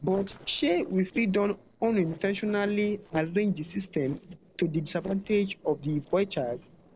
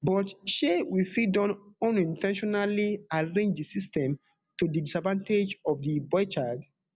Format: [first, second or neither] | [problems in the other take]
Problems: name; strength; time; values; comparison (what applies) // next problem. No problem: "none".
second | noise reduction (neural separator model SepFormer DNS4)